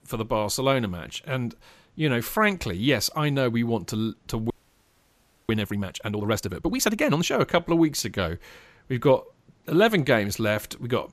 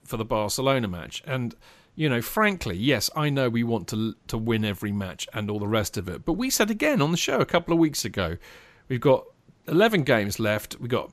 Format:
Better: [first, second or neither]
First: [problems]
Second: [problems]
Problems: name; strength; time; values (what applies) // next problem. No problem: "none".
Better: second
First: audio freezing; at 4.5 s for 1 s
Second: none